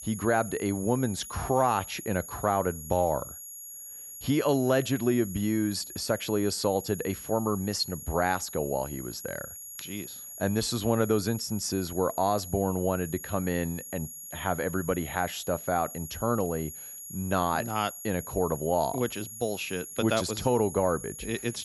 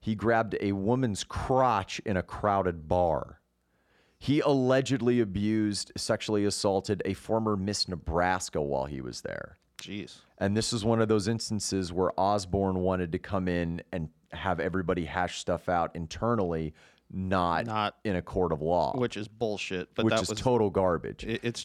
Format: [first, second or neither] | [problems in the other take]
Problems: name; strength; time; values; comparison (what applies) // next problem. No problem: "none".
second | high-pitched whine; noticeable; throughout; 11.5 kHz, 10 dB below the speech